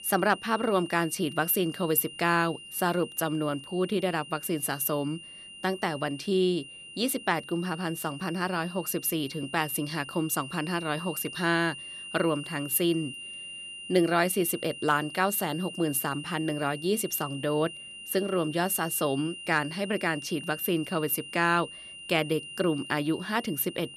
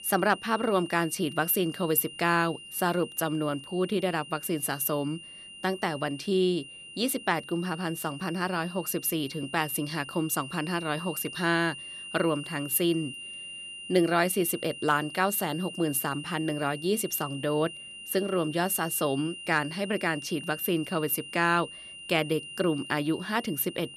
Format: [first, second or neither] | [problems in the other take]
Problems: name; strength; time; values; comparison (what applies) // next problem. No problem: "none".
neither | high-pitched whine; noticeable; throughout; 3 kHz, 10 dB below the speech; the same in both